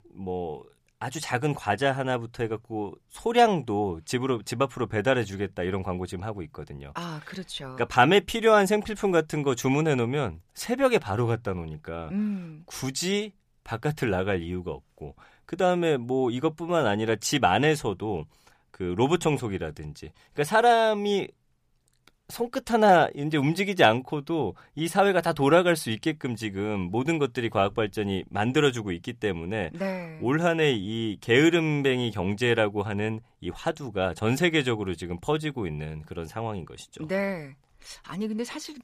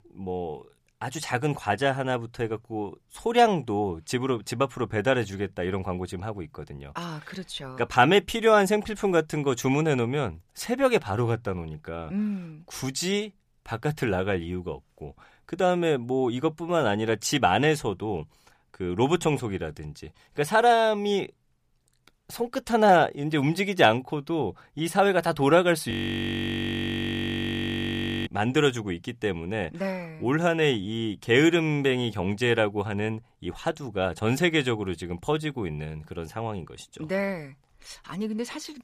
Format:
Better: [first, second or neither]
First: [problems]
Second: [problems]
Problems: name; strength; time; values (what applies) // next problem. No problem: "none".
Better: first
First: none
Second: audio freezing; at 26 s for 2.5 s